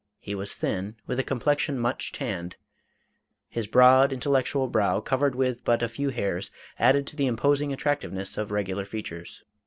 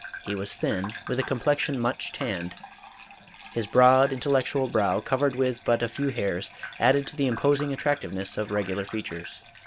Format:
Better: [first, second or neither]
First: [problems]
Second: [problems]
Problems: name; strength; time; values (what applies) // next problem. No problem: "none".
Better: first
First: none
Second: background sound (Bathtub (filling or washing) / Gurgling); 16 dB below the speech